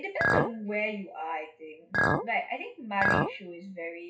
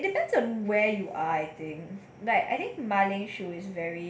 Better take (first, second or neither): second